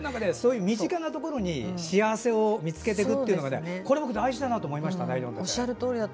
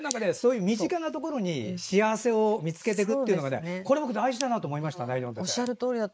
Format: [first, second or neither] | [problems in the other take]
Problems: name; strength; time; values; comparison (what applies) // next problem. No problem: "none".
first | noise reduction (neural mask model Resemble Enhance denoiser)